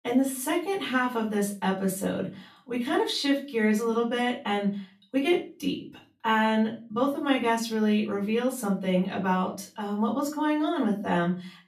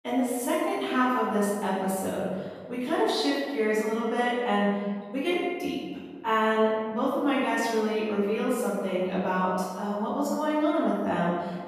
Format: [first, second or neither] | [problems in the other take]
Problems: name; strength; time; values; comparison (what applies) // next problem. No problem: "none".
first | room echo; strong; dies away in 1.5 s; slight in the first // off-mic speech; far; far in the first